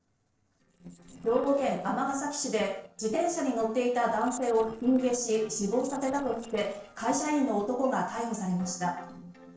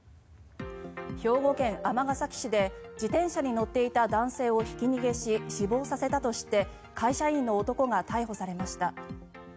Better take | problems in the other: second | noise reduction (neural separator model SepFormer DNS4)

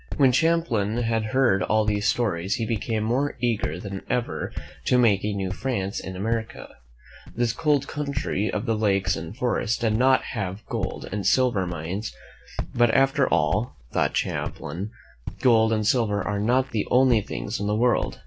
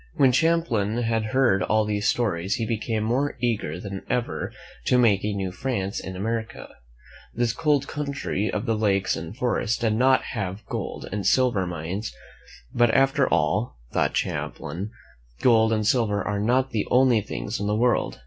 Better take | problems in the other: second | background sound (Walk, footsteps); 12 dB below the speech

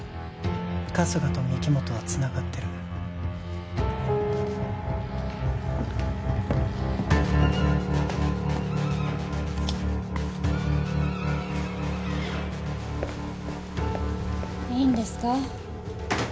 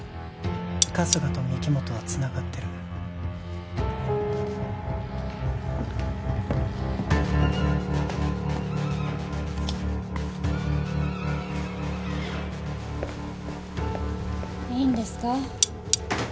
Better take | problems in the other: first | background sound (Cutlery, silverware); as loud as the speech

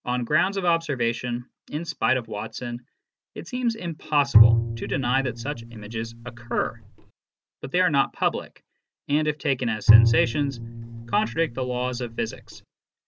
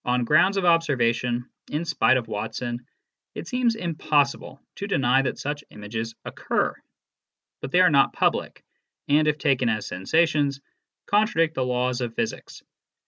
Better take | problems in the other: second | background sound (Bowed string instrument); 4 dB above the speech

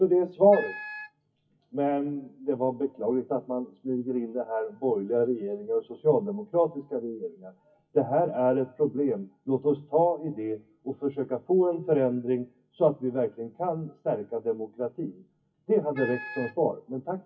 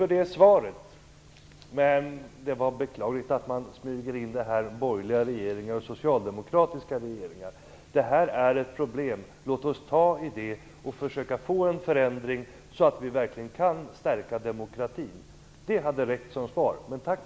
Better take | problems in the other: second | noise reduction (classical method WPE with log-MMSE)

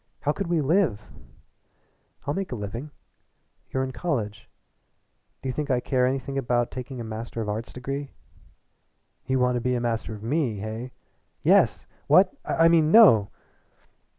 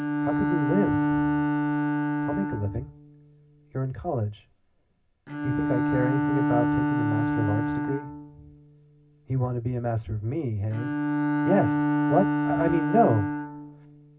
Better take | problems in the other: first | background sound (Bowed string instrument); 2 dB above the speech // room echo; dies away in 0.4 s

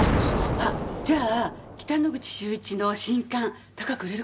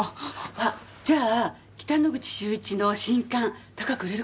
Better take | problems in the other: second | background sound (Explosion); 2 dB below the speech

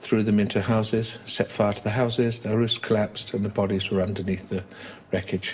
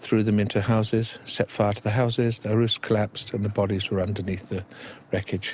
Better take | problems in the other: second | room echo; dies away in 0.6 s

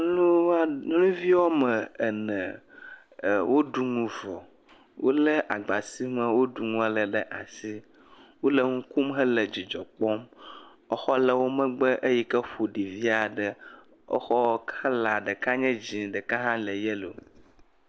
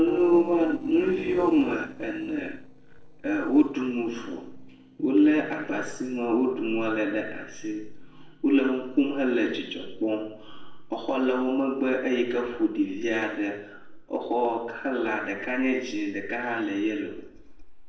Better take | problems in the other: first | noise reduction (neural separator model SepFormer DNS4)

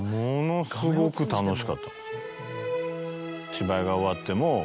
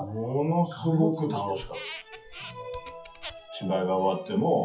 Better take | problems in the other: first | noise reduction (classical method WPE with log-MMSE)

